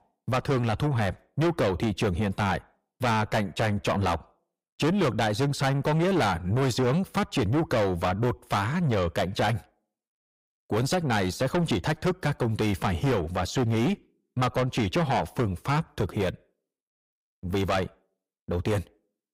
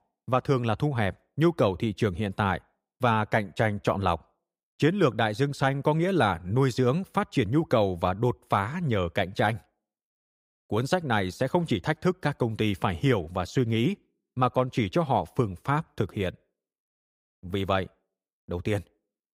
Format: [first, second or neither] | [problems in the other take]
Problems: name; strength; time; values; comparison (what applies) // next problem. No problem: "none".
second | distortion; heavy; 5 dB below the speech